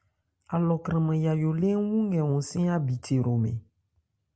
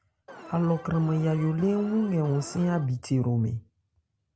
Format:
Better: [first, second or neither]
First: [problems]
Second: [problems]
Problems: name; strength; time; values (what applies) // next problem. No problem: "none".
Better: first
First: none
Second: background sound (Alarm); 17 dB below the speech